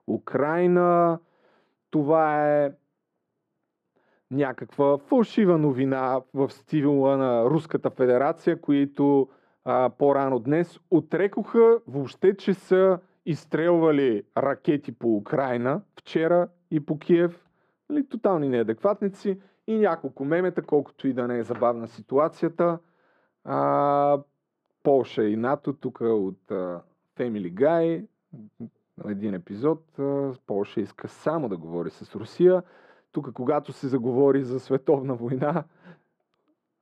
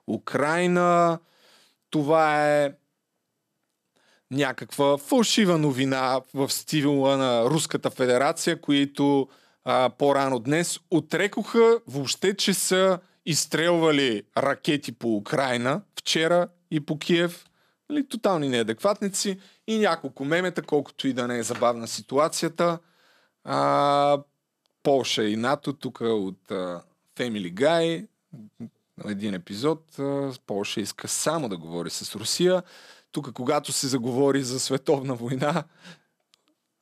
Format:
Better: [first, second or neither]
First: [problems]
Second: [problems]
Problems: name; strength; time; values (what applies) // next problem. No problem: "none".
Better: second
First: muffled; very; fading above 3 kHz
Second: none